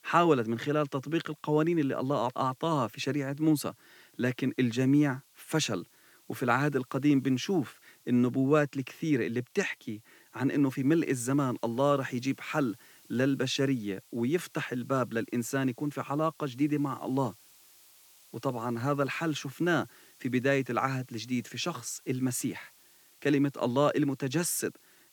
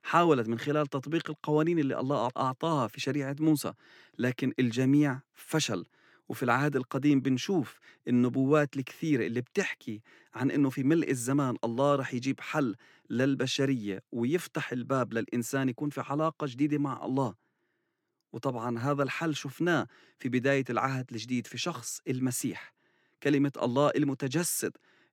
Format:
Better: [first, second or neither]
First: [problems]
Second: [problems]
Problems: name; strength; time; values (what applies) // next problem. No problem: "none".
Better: second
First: hiss; faint; throughout; 30 dB below the speech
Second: none